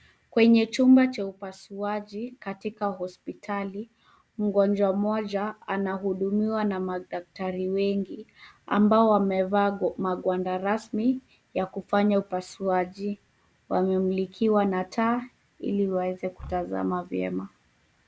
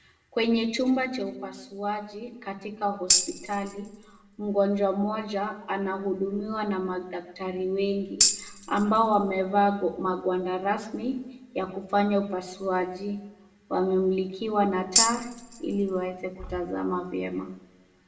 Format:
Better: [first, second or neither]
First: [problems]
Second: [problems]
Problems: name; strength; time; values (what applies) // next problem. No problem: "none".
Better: first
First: none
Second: background sound (Tambourine); as loud as the speech // room echo; dies away in 0.8 s